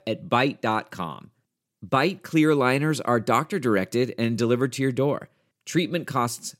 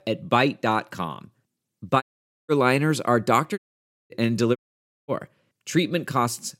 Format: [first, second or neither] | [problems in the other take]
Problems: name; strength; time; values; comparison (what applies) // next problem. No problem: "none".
first | audio cutting out; at 2 s, at 3.5 s for 0.5 s and at 4.5 s for 0.5 s